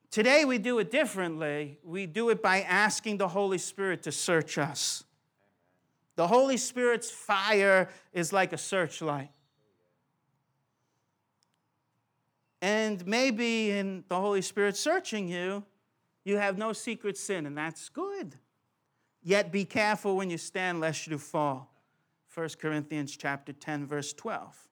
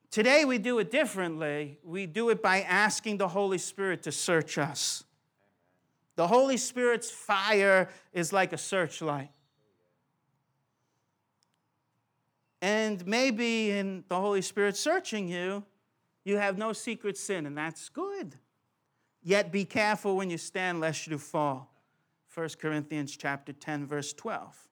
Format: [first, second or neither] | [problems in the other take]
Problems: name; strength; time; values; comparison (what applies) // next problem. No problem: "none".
neither | none